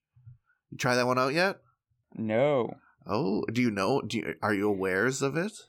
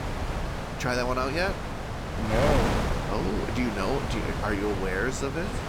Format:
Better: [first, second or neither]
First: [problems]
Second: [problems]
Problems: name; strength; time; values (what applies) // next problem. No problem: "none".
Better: first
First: none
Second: wind noise on the microphone; heavy; 3 dB below the speech